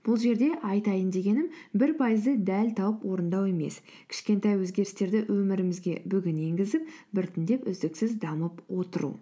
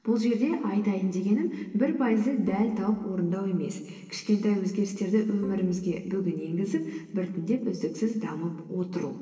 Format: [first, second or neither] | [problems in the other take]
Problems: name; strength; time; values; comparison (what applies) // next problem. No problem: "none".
first | noise reduction (neural separator model SepFormer DNS4)